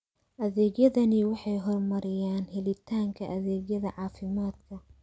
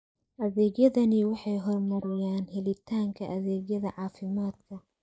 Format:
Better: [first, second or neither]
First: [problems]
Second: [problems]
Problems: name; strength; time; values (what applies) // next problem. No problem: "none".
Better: first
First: none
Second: noise reduction (neural mask model Resemble Enhance denoiser)